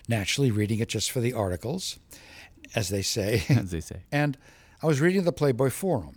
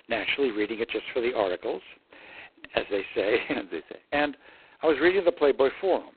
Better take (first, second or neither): first